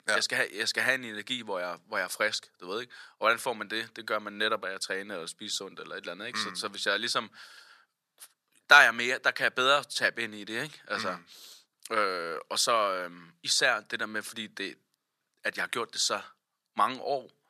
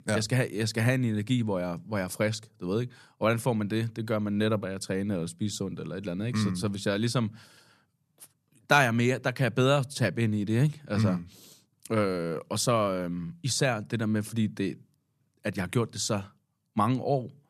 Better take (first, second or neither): second